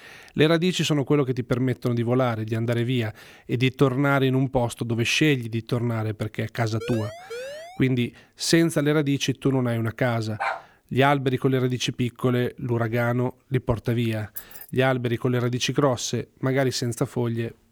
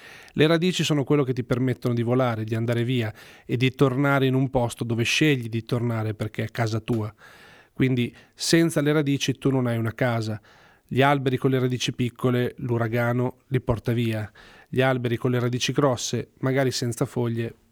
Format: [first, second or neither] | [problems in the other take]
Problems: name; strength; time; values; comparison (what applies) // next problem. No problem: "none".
second | siren; faint; at 7 s; peak 10 dB below the speech // dog barking; noticeable; at 10 s; peak 5 dB below the speech // jangling keys; faint; at 14 s; peak 15 dB below the speech